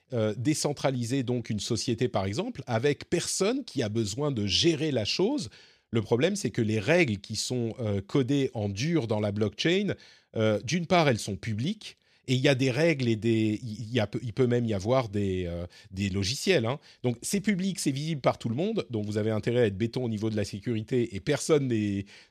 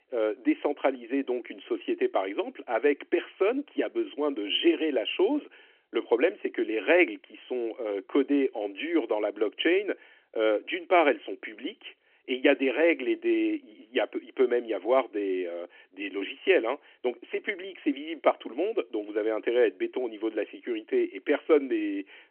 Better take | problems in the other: first | phone-call audio; nothing above 3 kHz

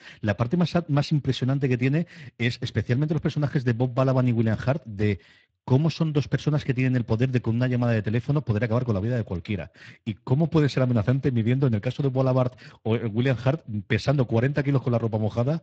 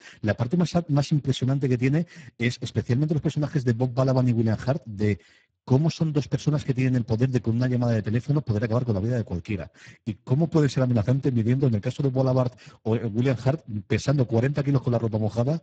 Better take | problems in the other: first | garbled, watery; badly; nothing above 7.5 kHz; slightly in the first

